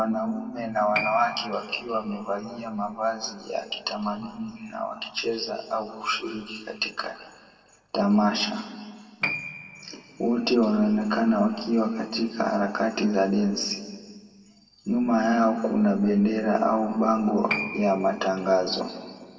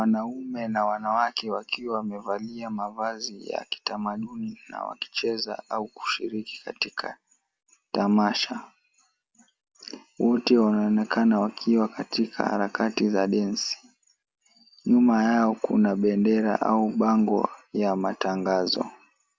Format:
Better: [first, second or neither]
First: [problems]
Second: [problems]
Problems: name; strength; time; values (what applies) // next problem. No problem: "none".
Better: second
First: background sound (Piano); 15 dB below the speech // room echo; dies away in 1.5 s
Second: none